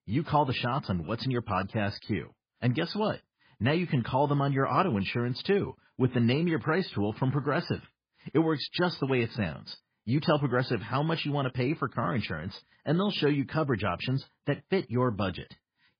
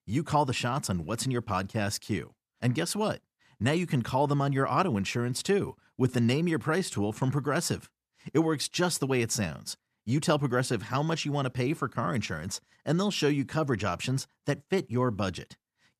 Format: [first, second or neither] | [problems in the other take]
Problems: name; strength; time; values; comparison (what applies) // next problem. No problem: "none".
second | garbled, watery; badly; nothing above 5 kHz